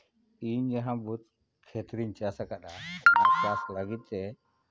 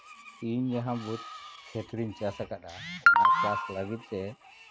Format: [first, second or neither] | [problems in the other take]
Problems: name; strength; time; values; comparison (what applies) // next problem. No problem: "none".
first | background sound (Screech); 20 dB below the speech